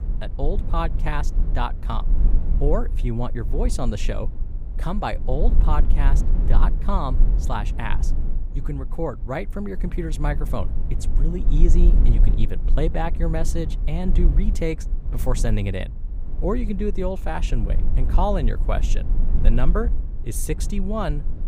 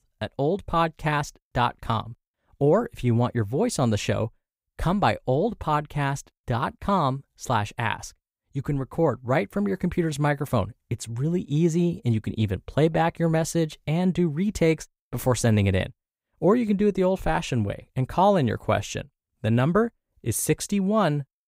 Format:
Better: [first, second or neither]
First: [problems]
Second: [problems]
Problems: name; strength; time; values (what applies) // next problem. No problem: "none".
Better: second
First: low rumble; noticeable; throughout; 15 dB below the speech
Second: none